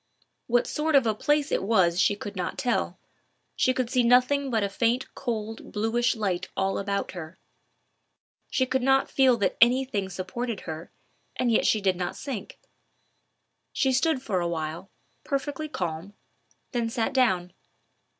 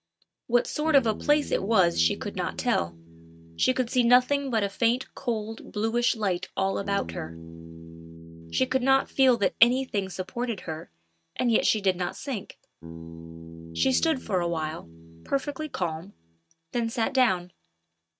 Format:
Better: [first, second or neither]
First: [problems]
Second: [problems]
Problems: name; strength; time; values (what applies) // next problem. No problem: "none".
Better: first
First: none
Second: noise reduction (neural mask model RNNoise)